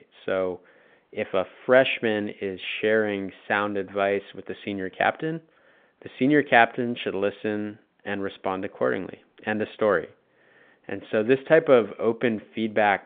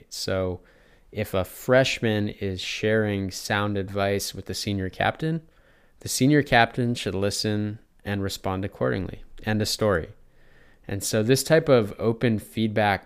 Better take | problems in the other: second | phone-call audio; nothing above 3.5 kHz

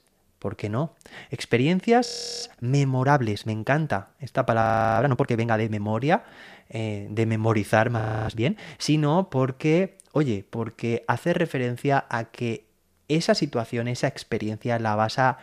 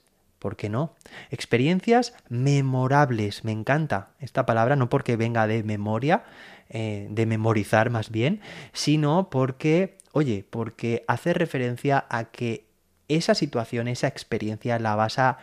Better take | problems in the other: second | audio freezing; at 2 s, at 4.5 s and at 8 s

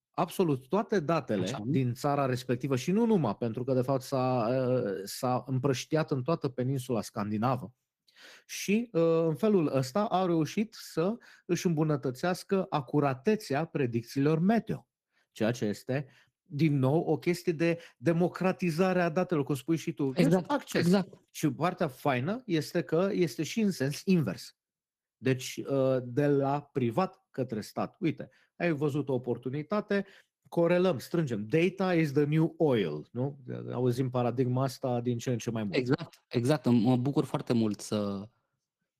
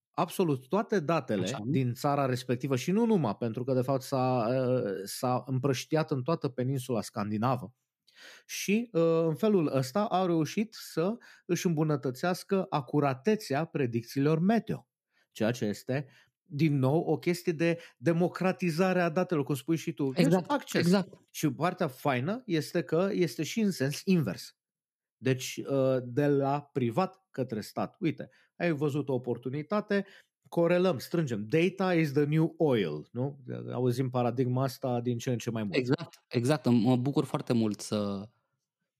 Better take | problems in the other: second | garbled, watery; slightly; nothing above 14.5 kHz

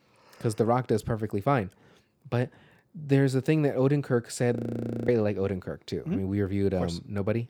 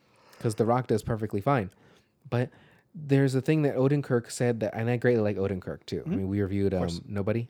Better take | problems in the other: second | audio freezing; at 4.5 s for 0.5 s

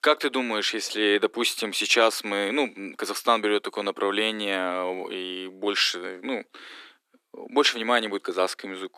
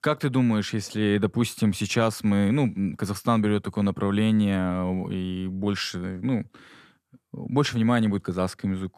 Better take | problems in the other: second | thin; very; fading below 300 Hz

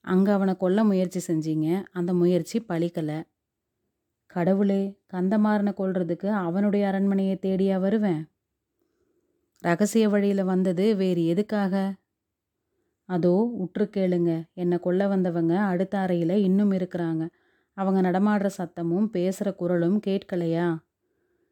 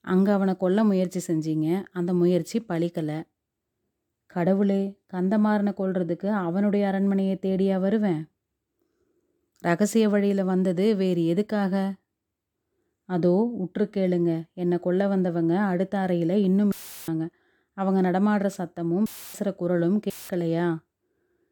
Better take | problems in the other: first | audio cutting out; filled with static; at 17 s, at 19 s and at 20 s

